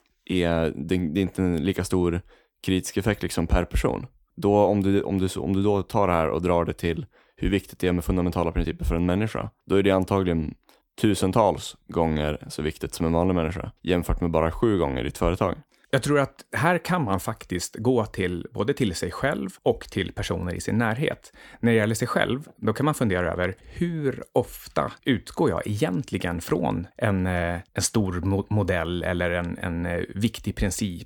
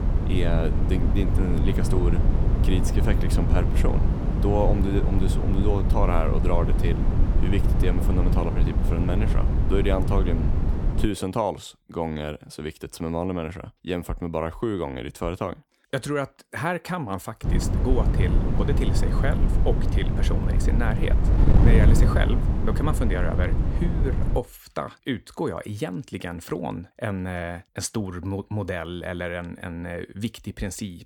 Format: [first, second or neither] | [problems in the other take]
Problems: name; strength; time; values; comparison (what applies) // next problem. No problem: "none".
first | wind noise on the microphone; heavy; until 11 s and from 17 to 24 s; 4 dB below the speech